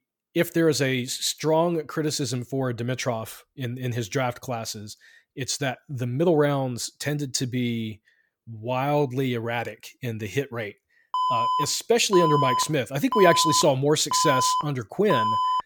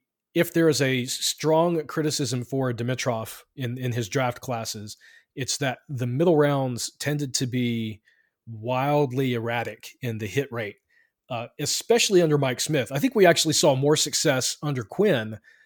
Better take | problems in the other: second | alarm; loud; from 11 s on; peak 2 dB above the speech

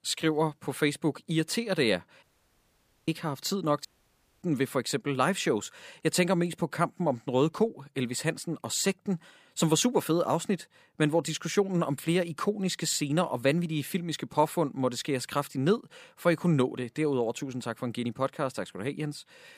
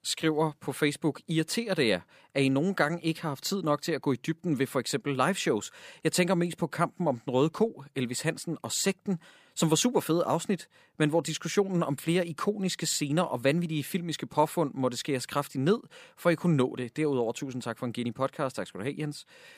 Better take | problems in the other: second | audio cutting out; at 2 s for 1 s and at 4 s for 0.5 s

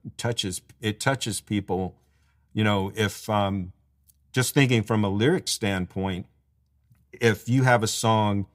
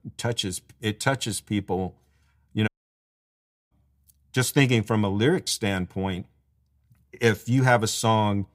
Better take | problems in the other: first | audio cutting out; at 2.5 s for 1 s

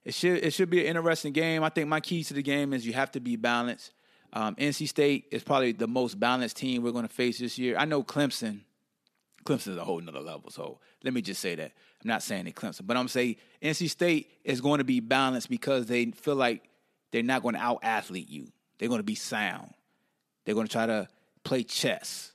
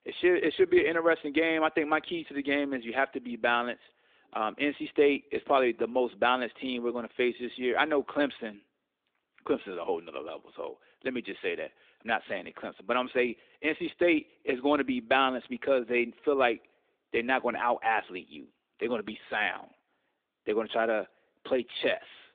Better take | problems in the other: first | phone-call audio; nothing above 3.5 kHz

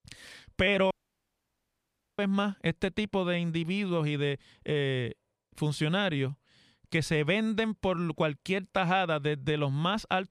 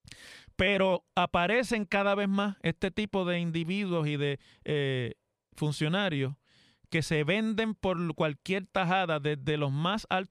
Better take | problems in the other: second | audio cutting out; at 1 s for 1.5 s

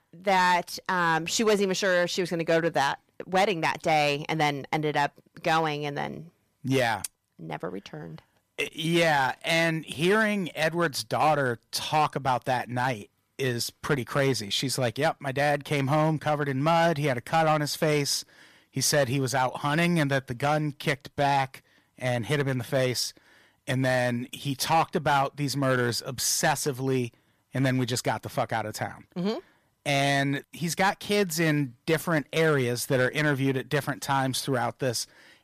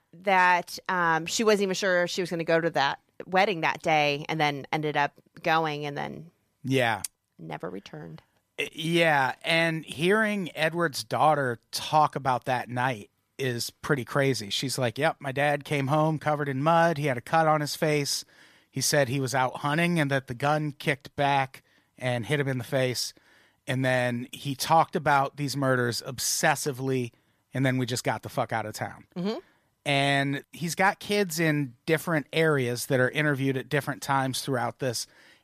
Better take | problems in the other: second | distortion; slight; 4% of the sound clipped

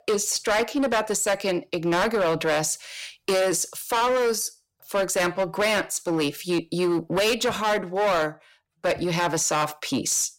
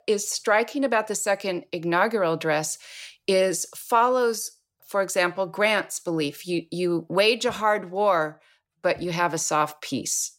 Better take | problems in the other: second | distortion; heavy; 17% of the sound clipped

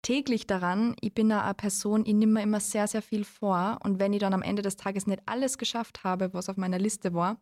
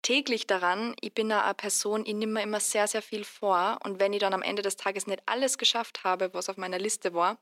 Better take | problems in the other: first | thin; somewhat; fading below 300 Hz

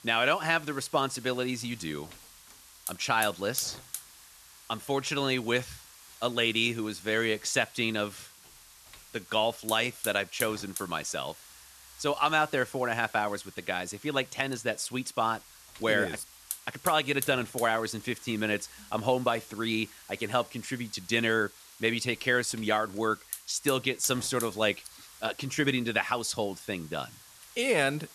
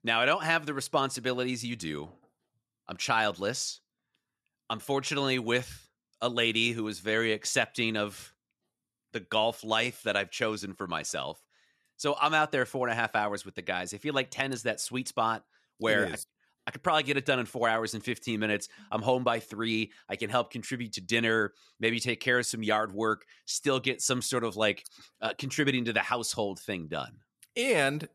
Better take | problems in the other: second | hiss; noticeable; throughout; 15 dB below the speech

